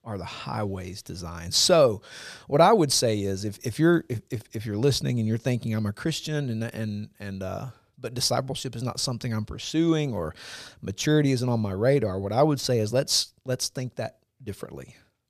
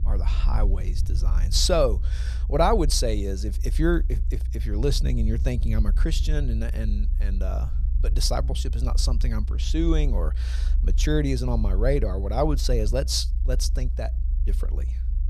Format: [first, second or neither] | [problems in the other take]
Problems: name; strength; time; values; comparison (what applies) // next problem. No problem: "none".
first | low rumble; noticeable; throughout; 20 dB below the speech